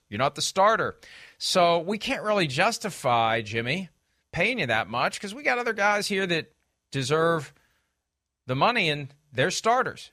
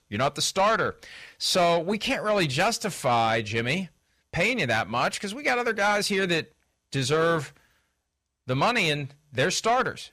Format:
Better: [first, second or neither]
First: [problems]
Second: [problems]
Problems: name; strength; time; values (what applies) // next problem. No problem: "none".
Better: first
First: none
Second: distortion; slight; 10 dB below the speech